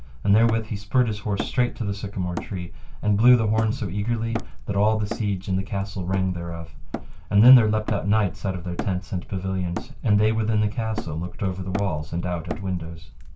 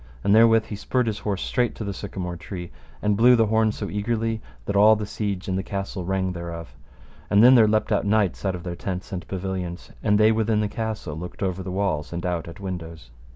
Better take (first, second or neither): second